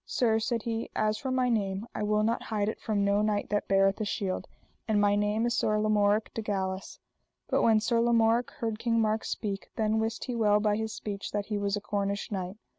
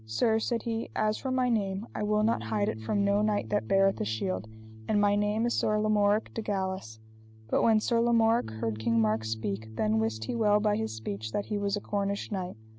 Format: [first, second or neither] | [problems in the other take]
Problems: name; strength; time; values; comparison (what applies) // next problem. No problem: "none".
first | background sound (Bass guitar); 14 dB below the speech